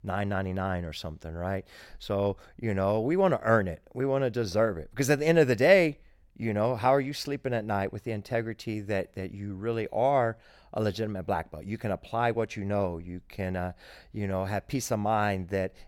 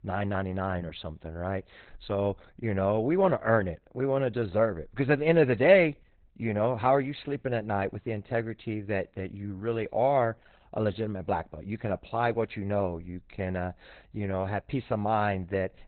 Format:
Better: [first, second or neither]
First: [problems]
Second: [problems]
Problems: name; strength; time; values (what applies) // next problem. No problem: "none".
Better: first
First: none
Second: garbled, watery; badly; nothing above 4 kHz